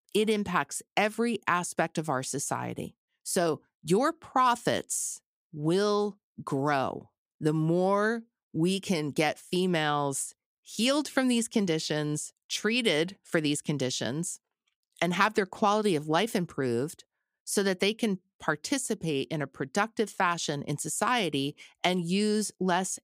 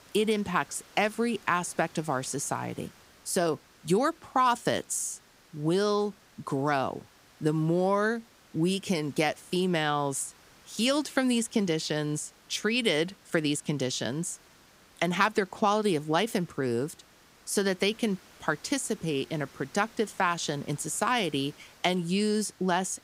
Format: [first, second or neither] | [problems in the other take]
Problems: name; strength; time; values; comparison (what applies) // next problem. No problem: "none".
first | hiss; faint; throughout; 25 dB below the speech